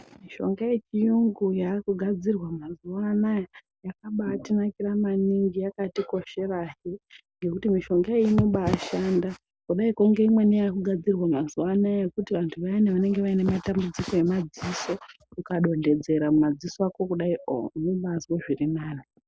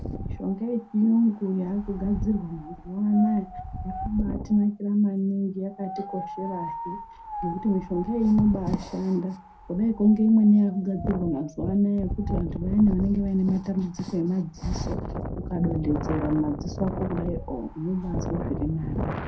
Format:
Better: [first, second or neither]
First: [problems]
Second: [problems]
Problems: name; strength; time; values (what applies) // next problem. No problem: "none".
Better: first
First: none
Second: background sound (Wind); 8 dB below the speech // room echo; dies away in 0.2 s